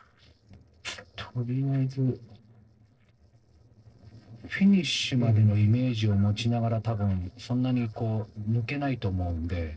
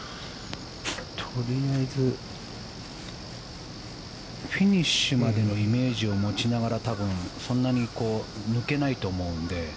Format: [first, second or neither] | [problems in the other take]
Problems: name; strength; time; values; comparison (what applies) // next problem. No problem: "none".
second | noise reduction (neural separator model SepFormer DNS4)